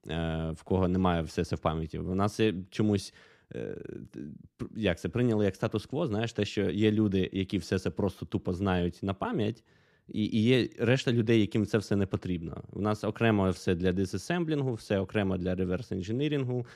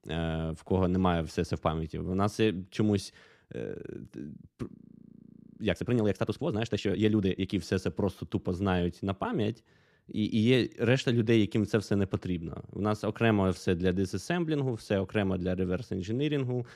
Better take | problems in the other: first | audio freezing; at 5 s for 1 s

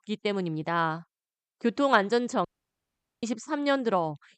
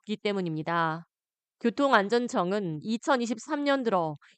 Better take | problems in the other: second | audio cutting out; at 2.5 s for 1 s

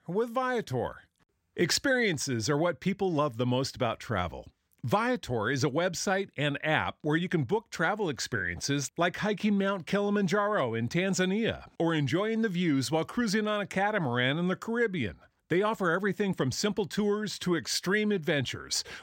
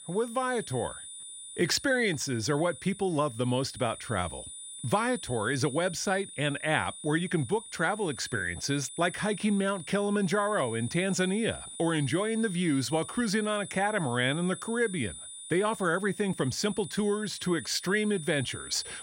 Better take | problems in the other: first | high-pitched whine; noticeable; throughout; 9.5 kHz, 10 dB below the speech

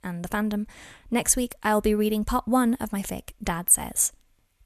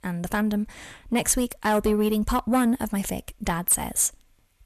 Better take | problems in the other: first | distortion; slight; 10 dB below the speech

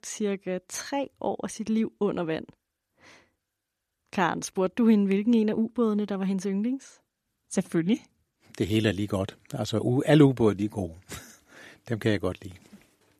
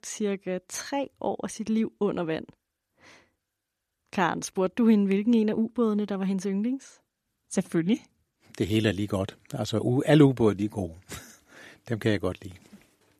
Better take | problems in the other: neither | none

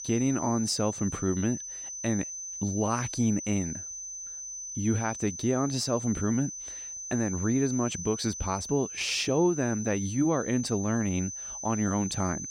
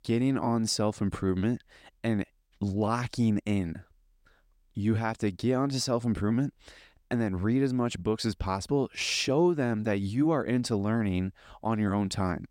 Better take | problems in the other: second | high-pitched whine; loud; throughout; 6 kHz, 7 dB below the speech

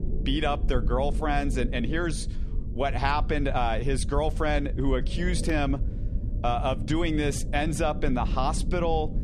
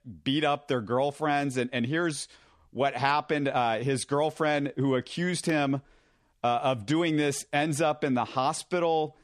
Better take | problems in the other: second | low rumble; noticeable; throughout; 15 dB below the speech

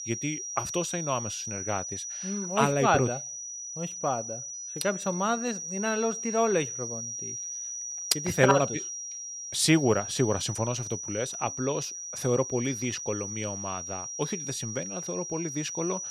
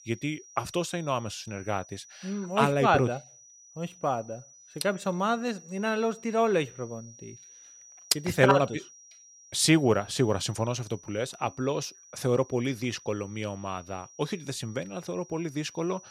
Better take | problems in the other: second | high-pitched whine; loud; throughout; 5.5 kHz, 5 dB below the speech; faint in the second

